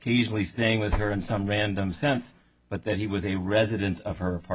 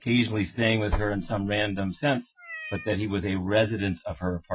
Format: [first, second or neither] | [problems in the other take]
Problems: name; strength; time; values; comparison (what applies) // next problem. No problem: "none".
first | noise reduction (classical method Wiener filter)